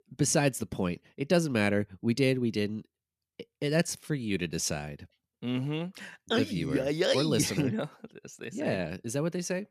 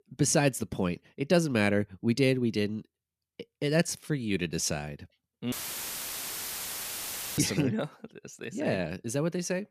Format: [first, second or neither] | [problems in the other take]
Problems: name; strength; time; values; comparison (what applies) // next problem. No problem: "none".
first | audio cutting out; filled with static; at 5.5 s for 2 s